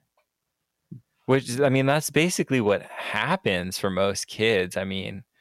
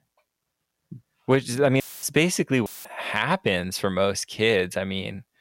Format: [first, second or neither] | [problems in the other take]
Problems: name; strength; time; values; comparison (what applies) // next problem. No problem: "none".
first | audio cutting out; filled with static; at 2 s and at 2.5 s